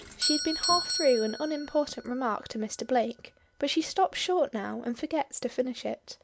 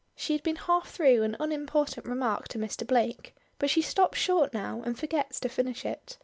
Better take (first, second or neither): second